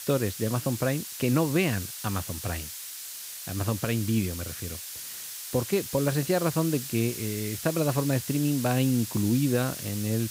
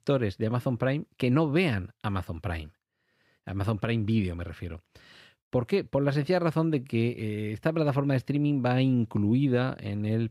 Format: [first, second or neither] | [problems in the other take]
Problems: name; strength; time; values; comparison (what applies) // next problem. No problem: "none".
second | hiss; loud; throughout; 7 dB below the speech